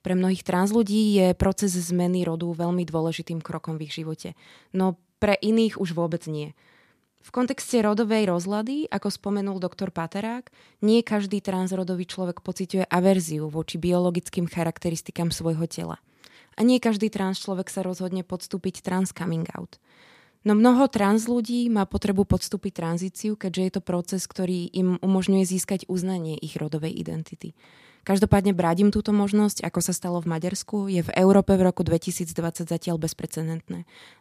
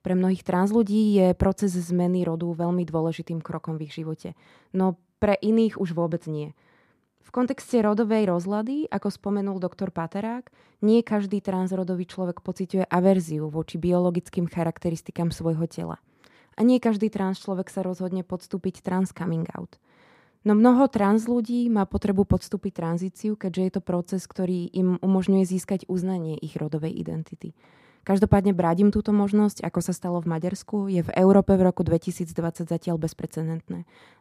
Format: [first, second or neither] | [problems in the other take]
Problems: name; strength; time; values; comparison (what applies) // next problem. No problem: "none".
first | muffled; slightly; fading above 2 kHz